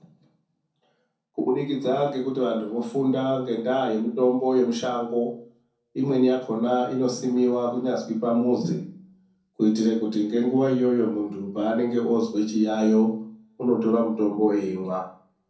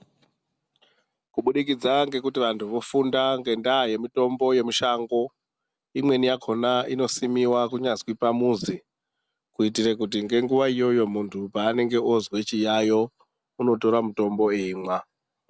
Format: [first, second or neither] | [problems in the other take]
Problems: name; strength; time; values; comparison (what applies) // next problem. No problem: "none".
second | room echo; dies away in 0.5 s